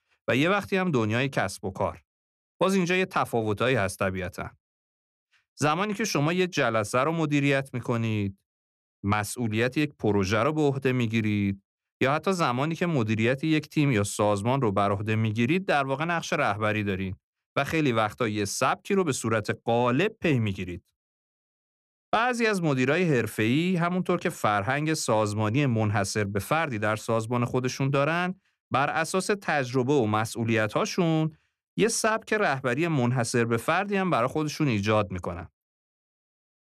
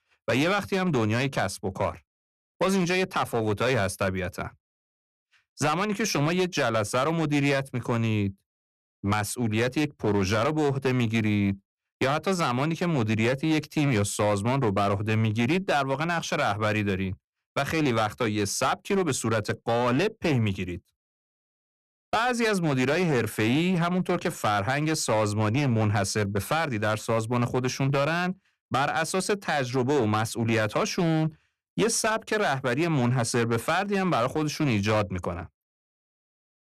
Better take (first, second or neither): first